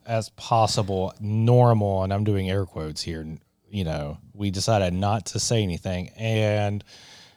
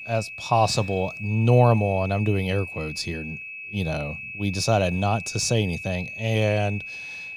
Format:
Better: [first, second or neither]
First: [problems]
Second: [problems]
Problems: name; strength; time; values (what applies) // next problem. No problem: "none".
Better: first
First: none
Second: high-pitched whine; loud; throughout; 2.5 kHz, 10 dB below the speech